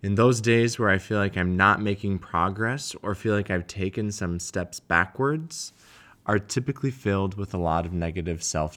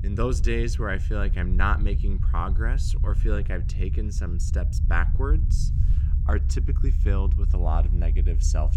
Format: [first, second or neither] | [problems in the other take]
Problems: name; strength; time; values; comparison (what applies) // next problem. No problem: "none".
first | low rumble; noticeable; throughout; 10 dB below the speech